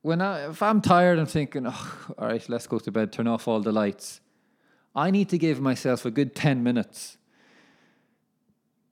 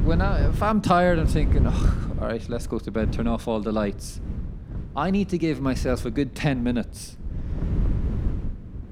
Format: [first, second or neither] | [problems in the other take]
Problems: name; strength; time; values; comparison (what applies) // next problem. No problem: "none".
first | wind noise on the microphone; occasional gusts; 15 dB below the speech